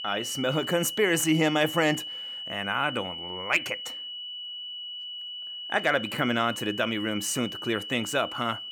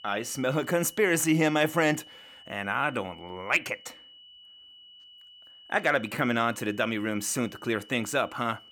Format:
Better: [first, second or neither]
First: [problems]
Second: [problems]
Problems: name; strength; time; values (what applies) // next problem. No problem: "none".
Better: second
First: high-pitched whine; loud; throughout; 3 kHz, 8 dB below the speech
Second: high-pitched whine; faint; throughout; 3 kHz, 20 dB below the speech